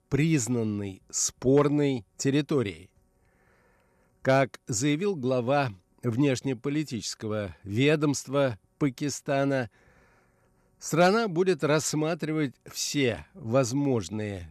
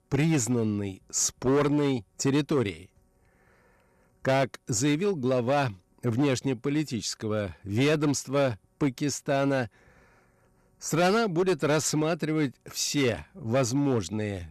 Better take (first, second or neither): first